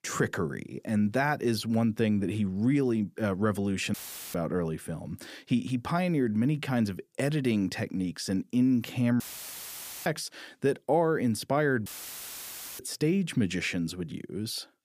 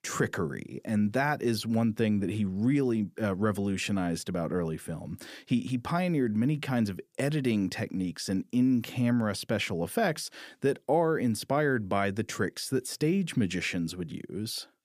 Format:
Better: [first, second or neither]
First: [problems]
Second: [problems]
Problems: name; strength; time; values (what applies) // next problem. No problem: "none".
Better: second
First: audio cutting out; filled with static; at 4 s, at 9 s for 1 s and at 12 s for 1 s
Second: none